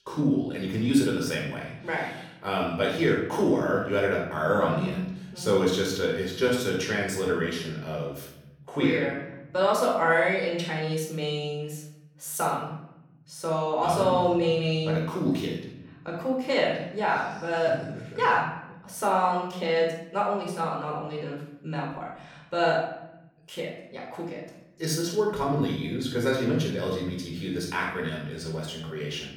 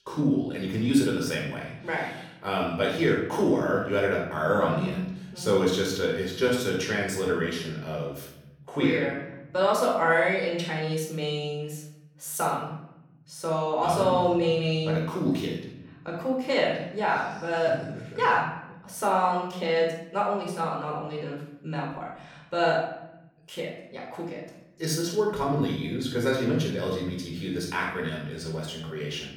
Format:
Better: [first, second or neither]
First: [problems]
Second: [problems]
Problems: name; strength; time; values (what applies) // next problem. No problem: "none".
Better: neither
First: off-mic speech; far // room echo; noticeable; dies away in 0.9 s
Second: off-mic speech; far // room echo; noticeable; dies away in 0.9 s